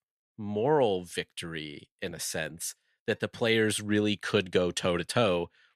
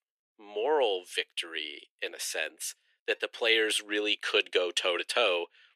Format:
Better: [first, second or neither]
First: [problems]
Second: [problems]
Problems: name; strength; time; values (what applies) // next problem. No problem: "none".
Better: first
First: none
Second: thin; very; fading below 350 Hz